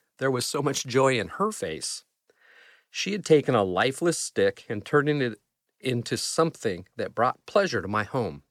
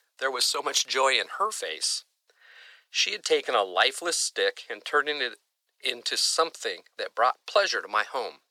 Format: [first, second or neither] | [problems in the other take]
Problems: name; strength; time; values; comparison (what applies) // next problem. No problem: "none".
first | thin; very; fading below 600 Hz